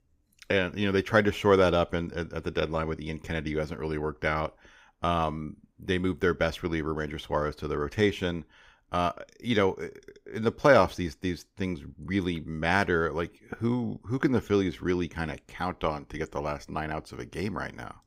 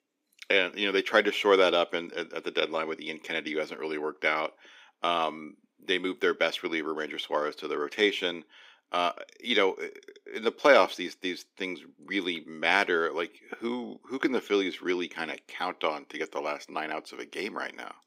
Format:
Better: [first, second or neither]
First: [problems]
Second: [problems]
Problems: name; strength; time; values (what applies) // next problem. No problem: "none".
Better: first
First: none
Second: thin; somewhat; fading below 300 Hz